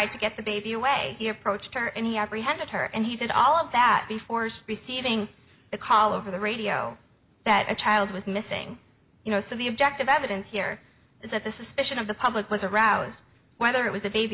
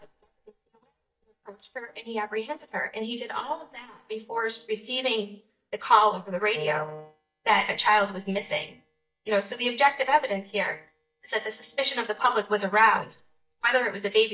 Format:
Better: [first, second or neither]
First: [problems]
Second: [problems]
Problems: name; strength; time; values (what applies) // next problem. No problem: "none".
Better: first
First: none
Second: noise reduction (neural mask model DeepFilterNet 3)